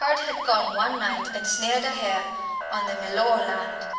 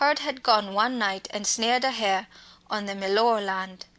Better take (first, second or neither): second